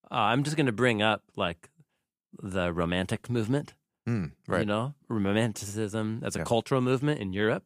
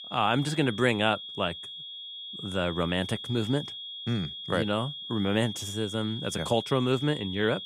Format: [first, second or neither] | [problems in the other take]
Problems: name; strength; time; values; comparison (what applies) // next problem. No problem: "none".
first | high-pitched whine; loud; throughout; 3.5 kHz, 8 dB below the speech